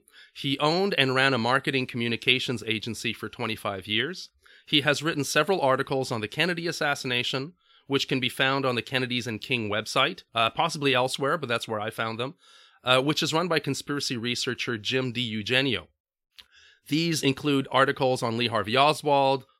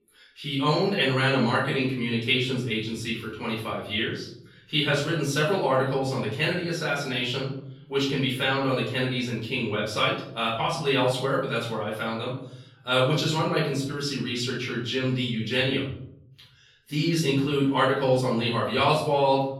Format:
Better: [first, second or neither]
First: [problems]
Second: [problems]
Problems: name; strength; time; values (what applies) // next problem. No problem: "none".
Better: first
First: none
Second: off-mic speech; far // room echo; noticeable; dies away in 0.8 s